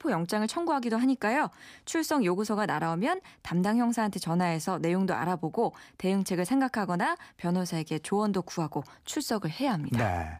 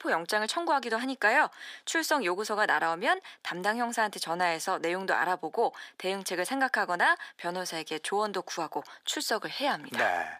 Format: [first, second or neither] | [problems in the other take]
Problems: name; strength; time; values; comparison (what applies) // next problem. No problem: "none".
first | thin; very; fading below 500 Hz